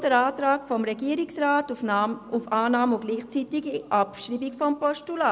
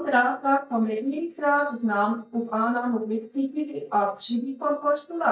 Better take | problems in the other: first | noise reduction (neural mask model DeepFilterNet 3)

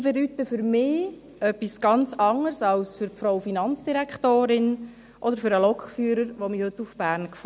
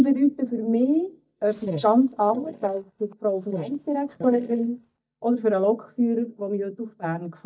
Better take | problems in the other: first | noise reduction (neural mask model DeepFilterNet 3)

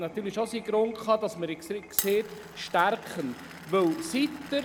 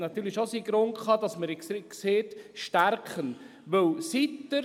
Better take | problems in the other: second | background sound (Glass); 12 dB below the speech

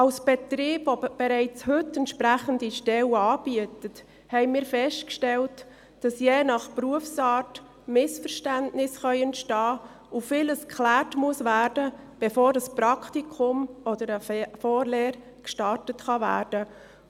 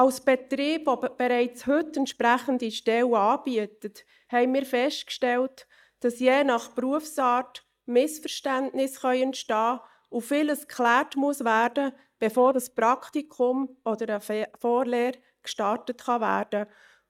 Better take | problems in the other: first | noise reduction (neural mask model DeepFilterNet 3)

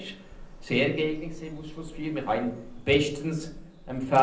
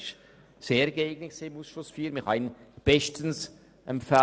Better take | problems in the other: second | background sound (Bird vocalization, bird call, bird song); 16 dB below the speech // room echo; dies away in 0.6 s

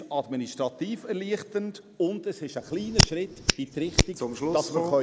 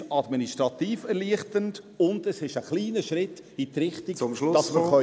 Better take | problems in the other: second | background sound (Hands); 2 dB above the speech

